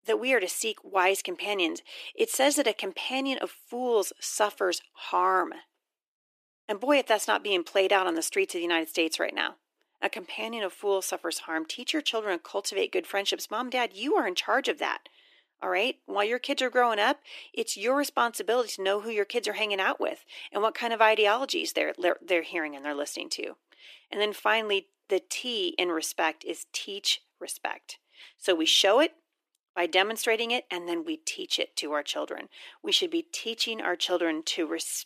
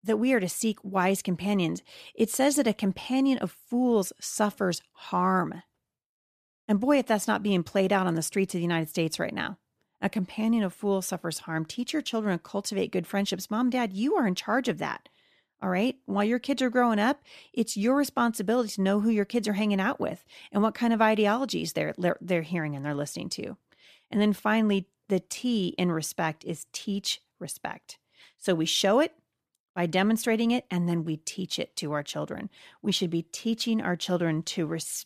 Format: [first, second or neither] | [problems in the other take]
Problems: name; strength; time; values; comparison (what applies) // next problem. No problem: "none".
second | thin; very; fading below 300 Hz